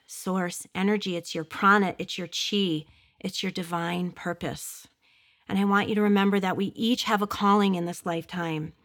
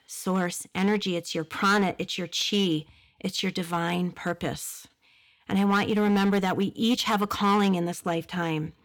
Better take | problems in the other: first | distortion; slight; 7% of the sound clipped

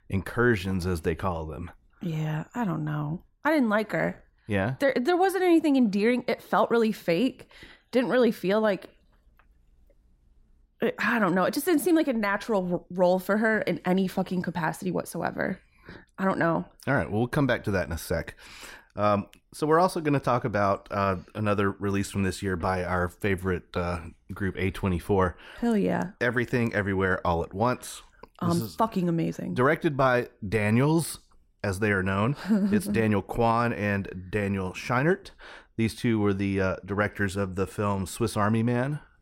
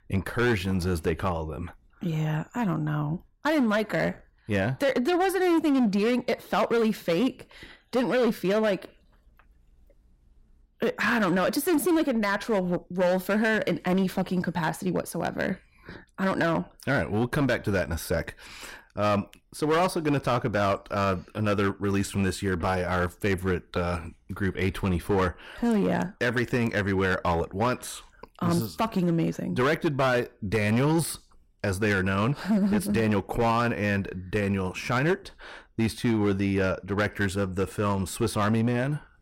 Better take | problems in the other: first | distortion; slight; 8% of the sound clipped

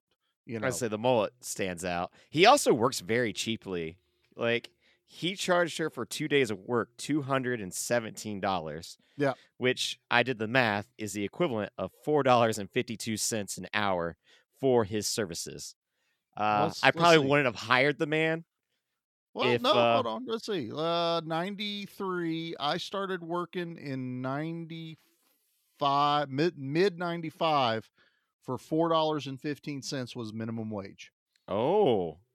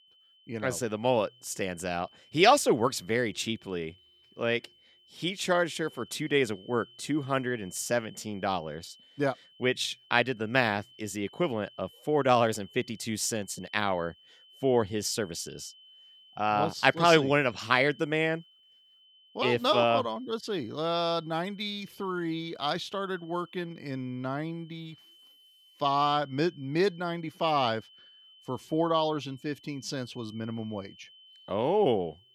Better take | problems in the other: first | high-pitched whine; faint; throughout; 3 kHz, 25 dB below the speech

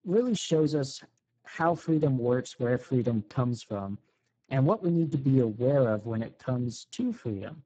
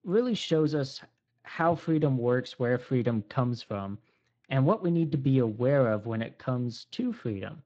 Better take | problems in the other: second | garbled, watery; badly; nothing above 7.5 kHz; slightly in the second

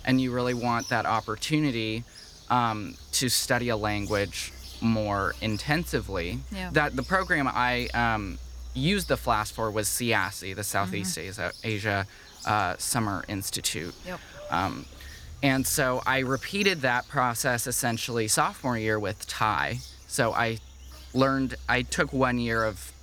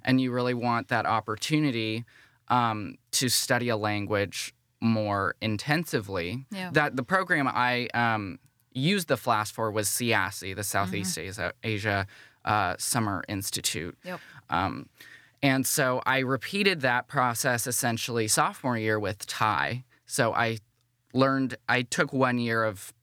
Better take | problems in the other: second | animal sounds; noticeable; throughout; 15 dB below the speech

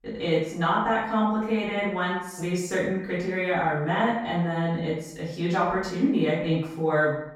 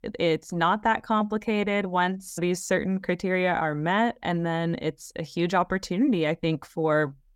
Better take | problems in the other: second | room echo; noticeable; dies away in 0.6 s // off-mic speech; far

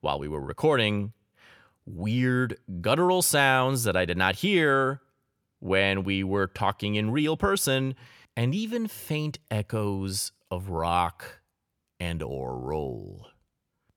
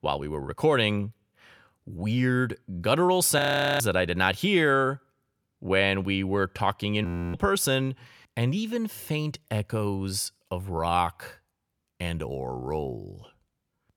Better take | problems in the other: first | audio freezing; at 3.5 s and at 7 s

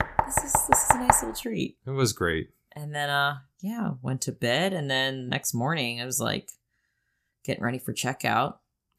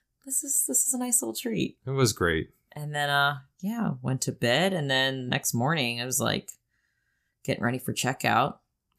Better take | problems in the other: second | door banging; loud; until 1 s; peak 6 dB above the speech

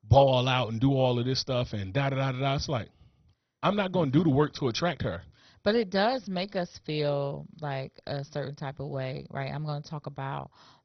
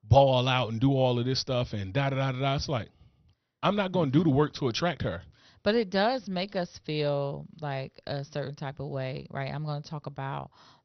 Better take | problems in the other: second | garbled, watery; badly; nothing above 6 kHz; slightly in the second

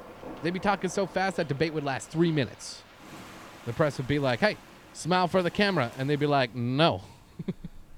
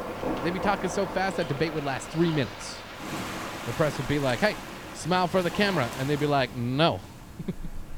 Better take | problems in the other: first | rain or running water; loud; throughout; 9 dB below the speech; faint in the first

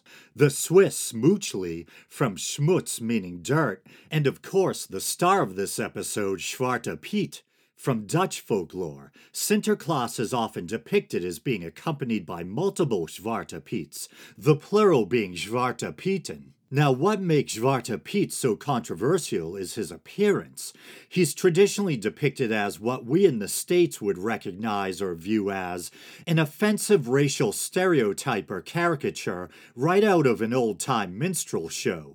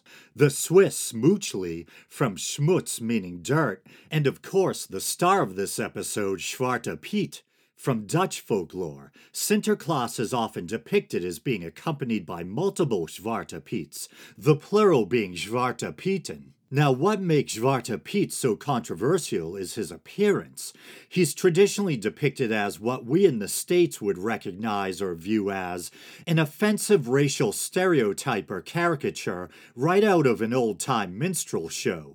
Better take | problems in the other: neither | none

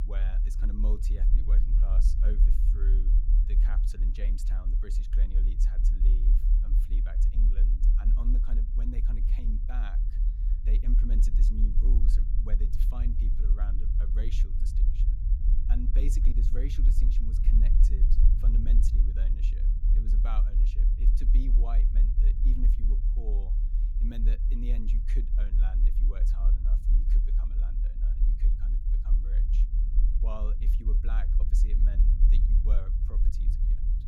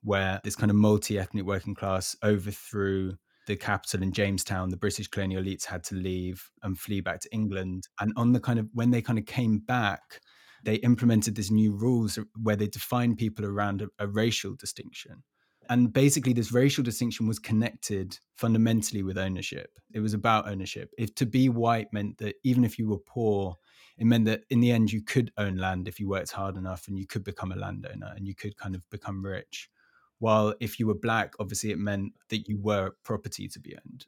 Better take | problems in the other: second | low rumble; loud; throughout; 2 dB below the speech

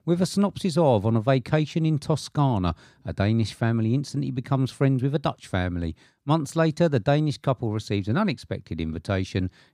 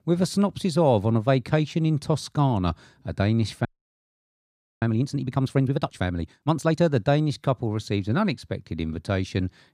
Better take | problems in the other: first | audio freezing; at 3.5 s for 1 s

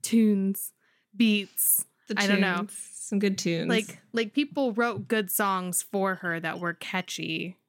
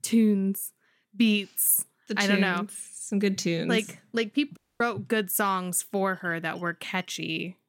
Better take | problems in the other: first | audio cutting out; at 4.5 s

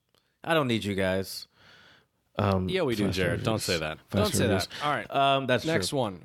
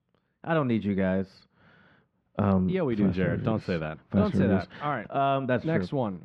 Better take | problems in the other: first | muffled; very; fading above 2 kHz

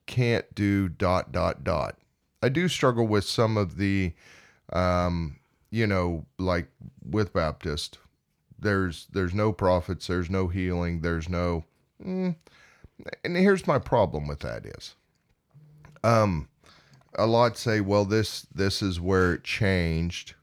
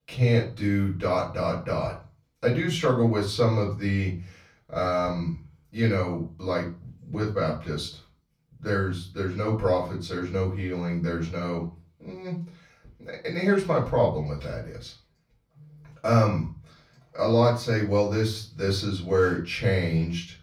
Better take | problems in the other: first | off-mic speech; far // room echo; slight; dies away in 0.3 s

